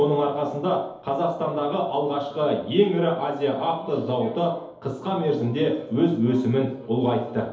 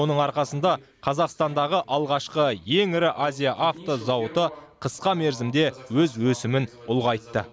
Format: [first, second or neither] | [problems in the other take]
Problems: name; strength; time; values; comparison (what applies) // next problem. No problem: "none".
second | room echo; dies away in 2.2 s